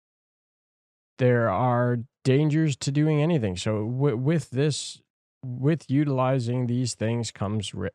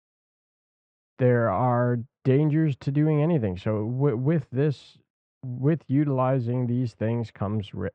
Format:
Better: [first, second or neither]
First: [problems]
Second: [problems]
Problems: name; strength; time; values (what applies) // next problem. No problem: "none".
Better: first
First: none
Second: muffled; very; fading above 2 kHz